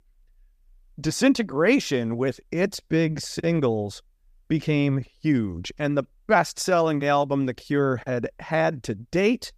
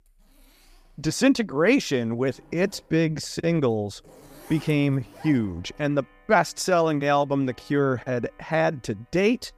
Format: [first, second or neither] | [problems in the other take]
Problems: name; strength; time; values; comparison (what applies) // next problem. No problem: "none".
first | household noises; faint; throughout; 25 dB below the speech